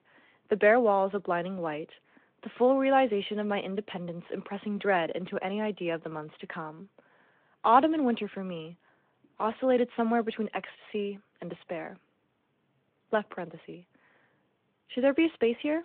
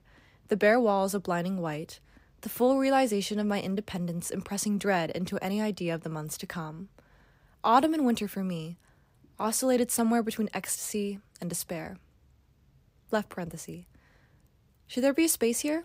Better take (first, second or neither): second